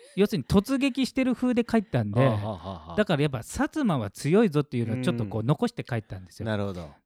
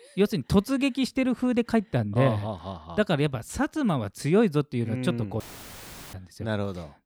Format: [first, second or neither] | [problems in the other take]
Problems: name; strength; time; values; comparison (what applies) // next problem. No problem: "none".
first | audio cutting out; filled with static; at 5.5 s for 0.5 s